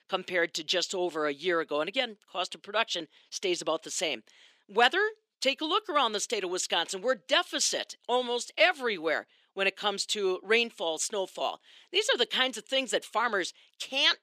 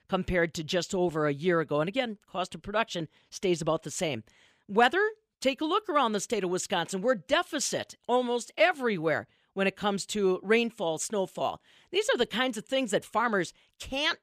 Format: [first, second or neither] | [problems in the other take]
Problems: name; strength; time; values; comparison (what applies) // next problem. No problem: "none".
second | thin; somewhat; fading below 300 Hz